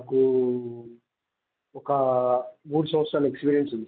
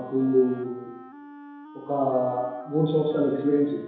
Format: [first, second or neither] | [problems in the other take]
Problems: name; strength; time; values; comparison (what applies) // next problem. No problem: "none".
first | background sound (Wind instrument, woodwind instrument); 19 dB below the speech // room echo; dies away in 1 s